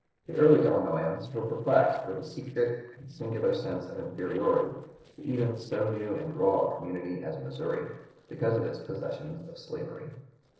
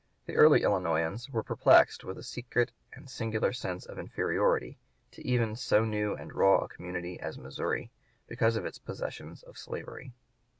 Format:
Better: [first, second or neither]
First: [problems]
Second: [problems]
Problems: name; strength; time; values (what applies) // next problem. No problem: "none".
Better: second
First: noise reduction (neural separator model SepFormer DNS4)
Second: none